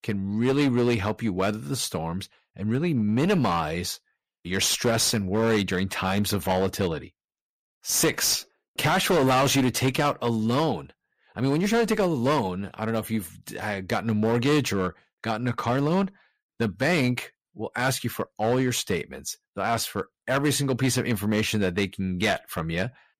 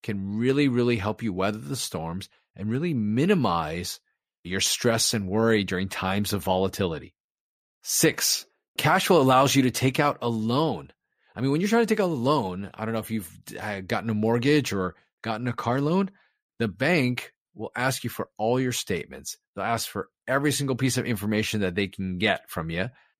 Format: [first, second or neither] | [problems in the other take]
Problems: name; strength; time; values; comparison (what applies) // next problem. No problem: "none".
second | distortion; slight; 8% of the sound clipped